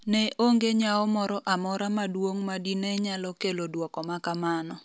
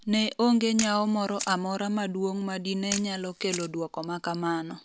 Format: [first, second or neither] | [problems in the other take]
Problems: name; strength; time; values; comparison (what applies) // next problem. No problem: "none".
first | background sound (Camera); 12 dB below the speech